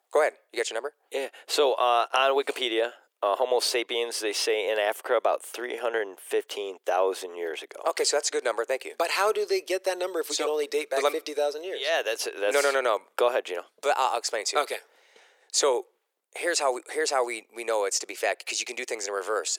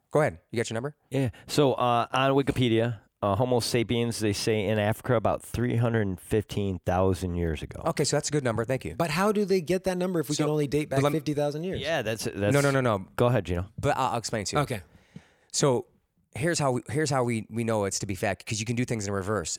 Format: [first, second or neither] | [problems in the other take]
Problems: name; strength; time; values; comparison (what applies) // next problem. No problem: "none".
second | thin; very; fading below 400 Hz